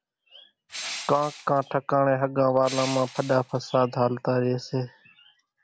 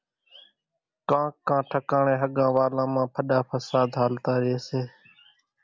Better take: second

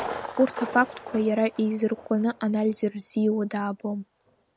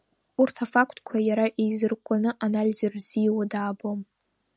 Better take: second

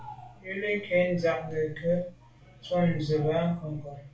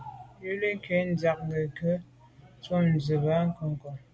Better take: second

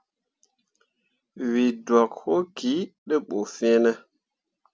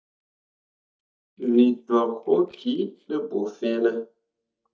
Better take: first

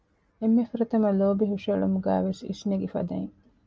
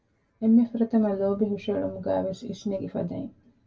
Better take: first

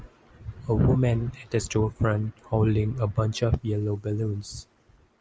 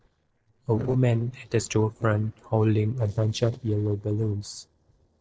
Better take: first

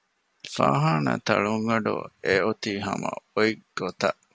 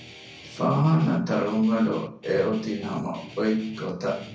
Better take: first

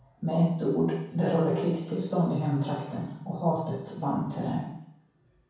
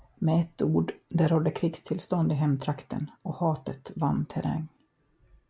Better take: second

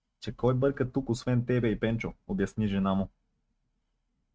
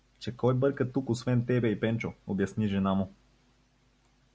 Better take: second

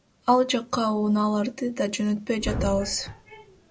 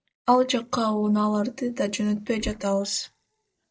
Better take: first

